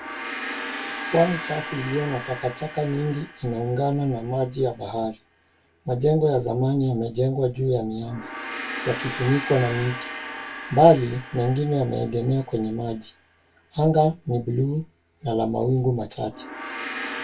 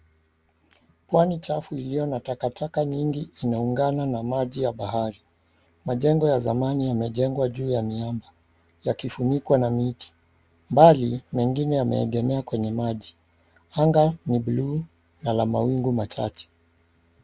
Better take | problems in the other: second | background sound (Gong); 12 dB below the speech // room echo; dies away in 0.1 s

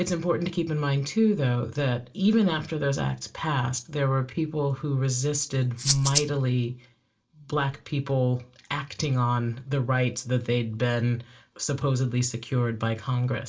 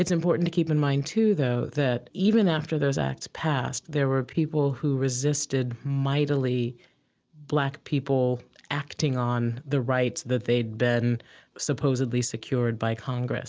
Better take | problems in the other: second | background sound (Rattle (instrument)); as loud as the speech // room echo; dies away in 0.2 s

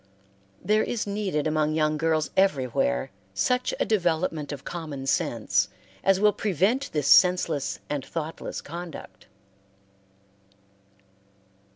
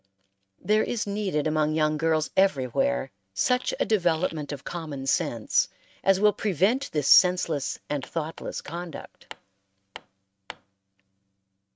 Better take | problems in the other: first | noise reduction (neural mask model RNNoise)

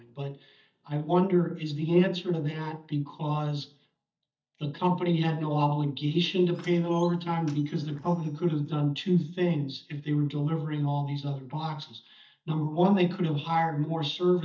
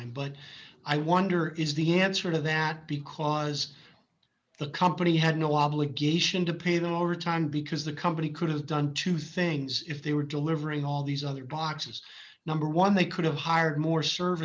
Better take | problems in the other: second | noise reduction (neural mask model DeepFilterNet 3)

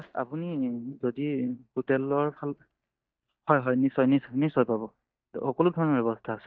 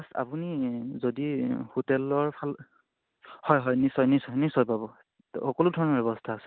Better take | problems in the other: second | noise reduction (neural mask model DeepFilterNet 3)

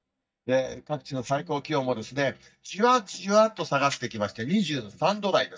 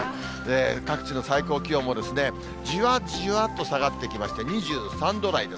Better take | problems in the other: second | noise reduction (neural mask model DeepFilterNet 3)

